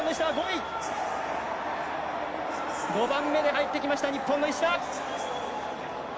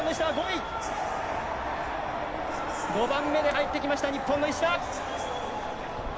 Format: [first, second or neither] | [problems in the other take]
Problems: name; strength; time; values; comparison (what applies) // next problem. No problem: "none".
first | background sound (Walk, footsteps); 14 dB below the speech